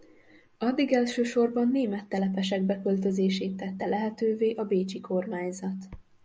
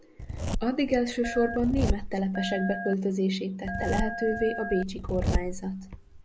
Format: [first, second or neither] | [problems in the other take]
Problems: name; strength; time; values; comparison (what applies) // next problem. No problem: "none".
first | background sound (Telephone + Zipper (clothing)); 3 dB below the speech